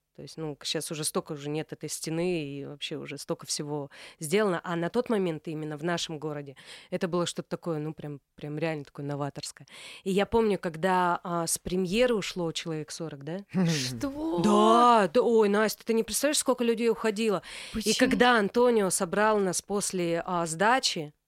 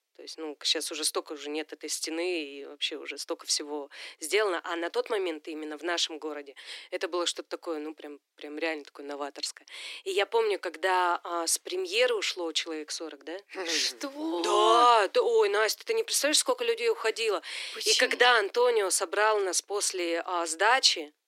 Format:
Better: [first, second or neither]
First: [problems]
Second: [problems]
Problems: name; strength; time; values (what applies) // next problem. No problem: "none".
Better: first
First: none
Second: thin; very; fading below 300 Hz